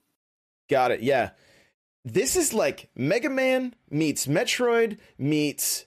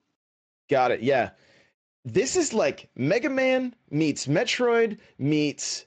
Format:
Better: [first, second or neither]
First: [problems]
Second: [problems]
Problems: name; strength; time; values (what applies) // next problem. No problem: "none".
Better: first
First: none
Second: garbled, watery; slightly; nothing above 7.5 kHz